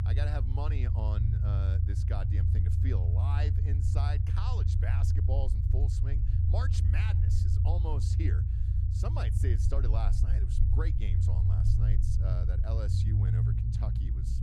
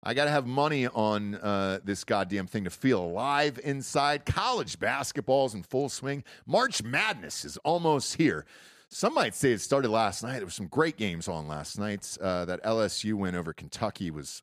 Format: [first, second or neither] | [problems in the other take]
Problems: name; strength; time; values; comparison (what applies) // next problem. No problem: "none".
second | low rumble; loud; throughout; as loud as the speech